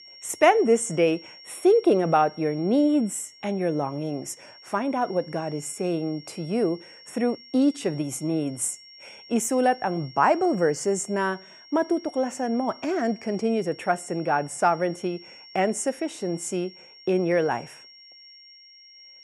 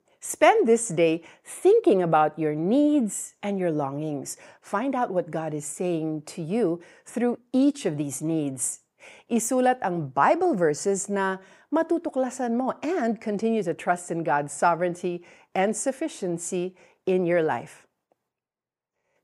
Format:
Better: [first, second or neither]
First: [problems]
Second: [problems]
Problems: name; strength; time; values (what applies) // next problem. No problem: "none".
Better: second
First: high-pitched whine; faint; throughout; 5.5 kHz, 20 dB below the speech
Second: none